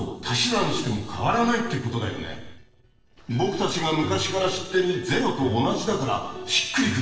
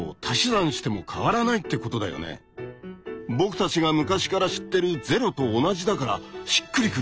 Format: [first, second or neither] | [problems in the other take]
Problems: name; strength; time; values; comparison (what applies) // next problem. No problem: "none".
second | noise reduction (neural separator model SepFormer DNS4)